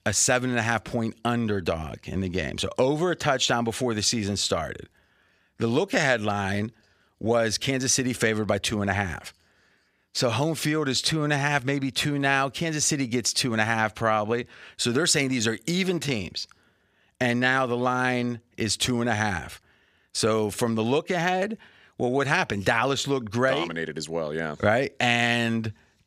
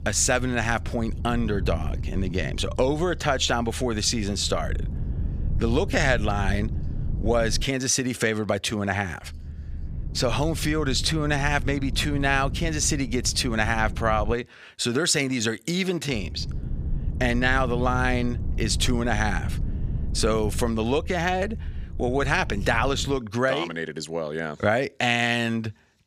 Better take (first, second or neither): first